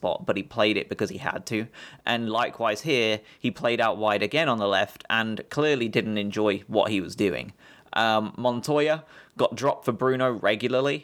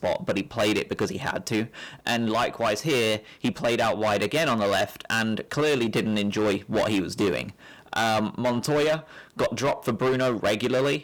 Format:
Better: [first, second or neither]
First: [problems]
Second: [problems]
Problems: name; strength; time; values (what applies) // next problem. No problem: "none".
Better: first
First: none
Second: distortion; heavy; 15% of the sound clipped